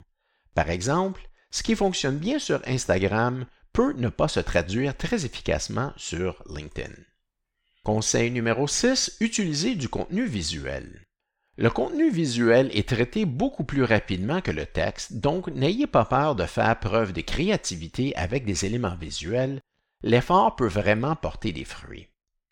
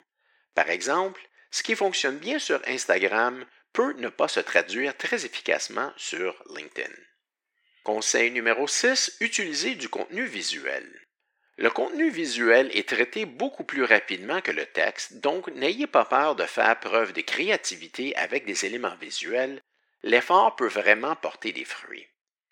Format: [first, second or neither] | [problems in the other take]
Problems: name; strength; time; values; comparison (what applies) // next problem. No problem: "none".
first | thin; somewhat; fading below 300 Hz